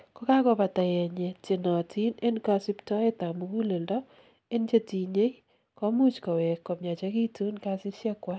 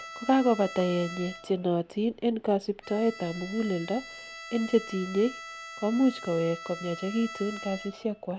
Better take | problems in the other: first | background sound (Bowed string instrument); 14 dB below the speech

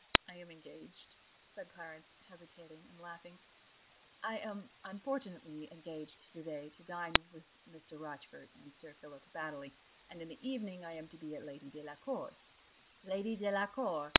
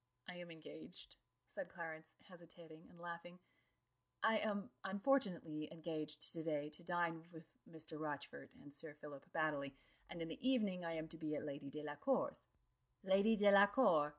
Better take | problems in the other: second | background sound (Camera); as loud as the speech

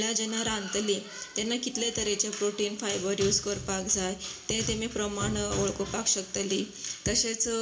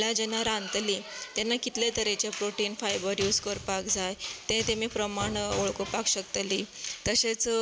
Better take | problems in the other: second | room echo; dies away in 0.4 s

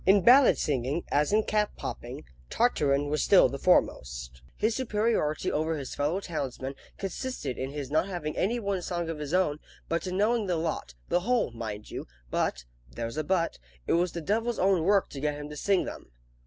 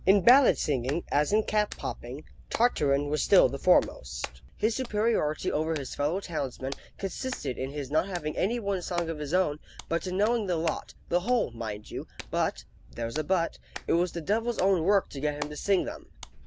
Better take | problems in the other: first | background sound (Hands); 17 dB below the speech

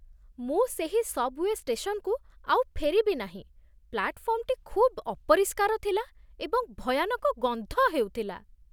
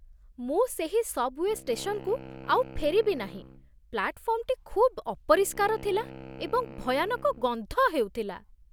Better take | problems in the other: first | background sound (Wind instrument, woodwind instrument); 18 dB below the speech

